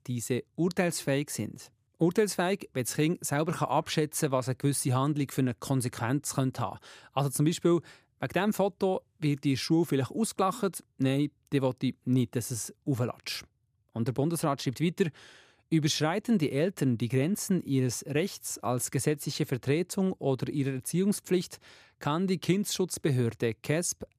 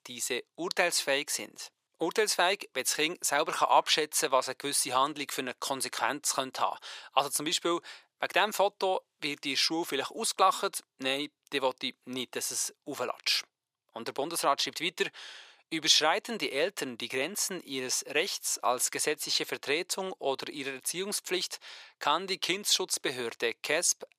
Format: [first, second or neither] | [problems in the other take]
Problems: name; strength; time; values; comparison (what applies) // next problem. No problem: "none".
first | thin; very; fading below 600 Hz